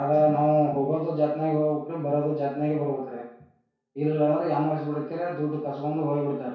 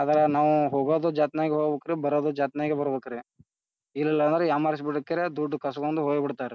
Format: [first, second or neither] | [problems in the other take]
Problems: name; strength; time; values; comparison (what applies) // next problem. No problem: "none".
second | room echo; dies away in 0.6 s